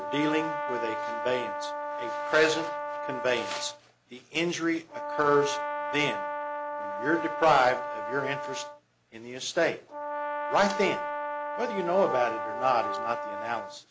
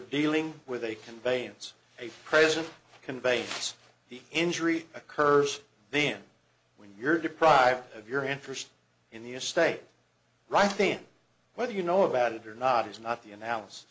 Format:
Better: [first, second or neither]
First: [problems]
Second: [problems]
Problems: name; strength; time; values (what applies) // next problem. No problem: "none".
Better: second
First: background sound (Brass instrument + Organ); 4 dB below the speech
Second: none